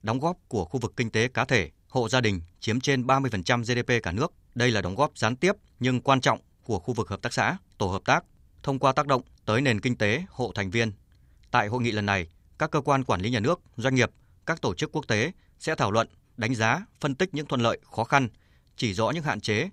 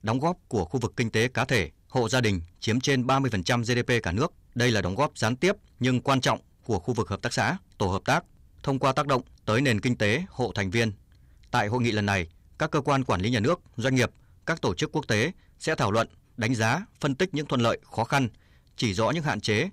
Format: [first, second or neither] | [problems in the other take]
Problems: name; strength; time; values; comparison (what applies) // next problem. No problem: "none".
first | distortion; slight; 10 dB below the speech